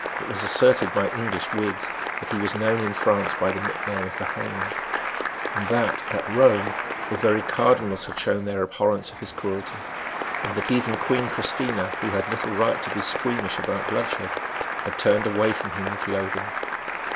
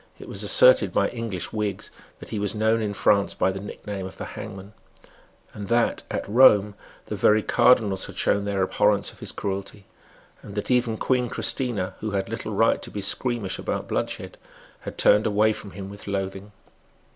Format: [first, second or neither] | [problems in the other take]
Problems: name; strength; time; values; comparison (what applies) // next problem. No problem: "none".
second | background sound (Applause); 4 dB below the speech